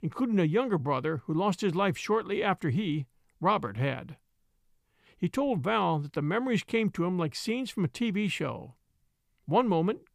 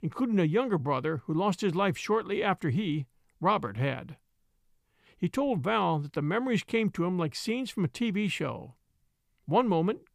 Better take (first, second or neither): neither